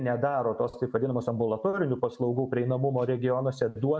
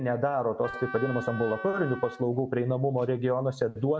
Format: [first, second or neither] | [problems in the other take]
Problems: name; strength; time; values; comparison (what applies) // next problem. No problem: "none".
first | background sound (Wind instrument, woodwind instrument); 12 dB below the speech